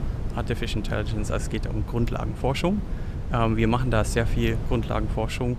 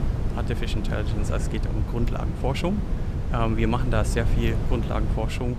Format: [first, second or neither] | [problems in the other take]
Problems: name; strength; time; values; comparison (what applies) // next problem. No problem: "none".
first | wind noise on the microphone; heavy; 7 dB below the speech; occasional gusts in the first